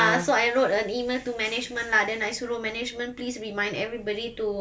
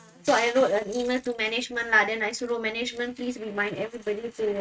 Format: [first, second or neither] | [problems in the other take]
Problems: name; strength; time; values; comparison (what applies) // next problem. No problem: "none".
first | noise reduction (neural mask model RNNoise)